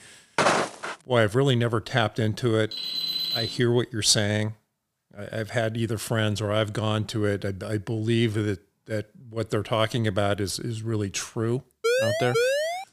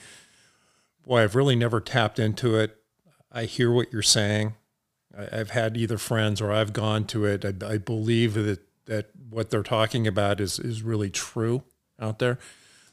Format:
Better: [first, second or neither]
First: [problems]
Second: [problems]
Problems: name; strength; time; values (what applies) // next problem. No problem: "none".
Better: second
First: footsteps; loud; at 0.5 s; peak 4 dB above the speech // alarm; loud; at 2.5 s; peak 1 dB above the speech // siren; loud; from 12 s on; peak 2 dB above the speech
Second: none